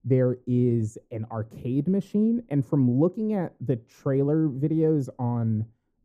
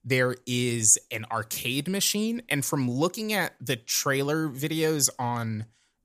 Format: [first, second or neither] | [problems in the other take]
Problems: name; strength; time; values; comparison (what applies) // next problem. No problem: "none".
second | muffled; very; fading above 1.5 kHz